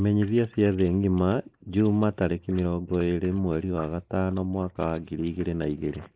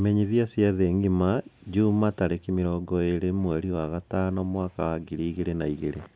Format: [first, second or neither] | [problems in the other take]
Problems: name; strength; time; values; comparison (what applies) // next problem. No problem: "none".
second | noise reduction (neural mask model Resemble Enhance denoiser)